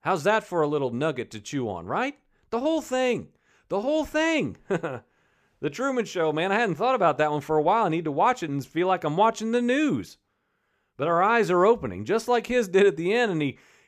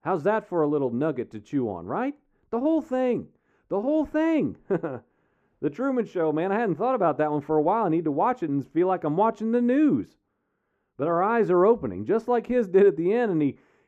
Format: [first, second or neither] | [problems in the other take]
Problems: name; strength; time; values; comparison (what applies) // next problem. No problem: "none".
first | muffled; very; fading above 2 kHz